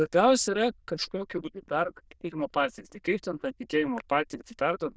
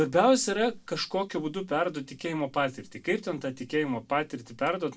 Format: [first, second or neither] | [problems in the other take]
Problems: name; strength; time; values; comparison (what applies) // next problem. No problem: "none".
second | noise reduction (neural diffusion model UNIVERSE++)